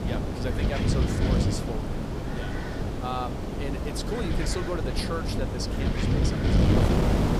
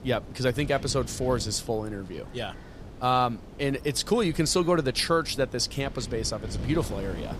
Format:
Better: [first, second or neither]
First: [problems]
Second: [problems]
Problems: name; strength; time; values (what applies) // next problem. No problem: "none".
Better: second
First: wind noise on the microphone; heavy; 3 dB above the speech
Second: wind noise on the microphone; occasional gusts; 20 dB below the speech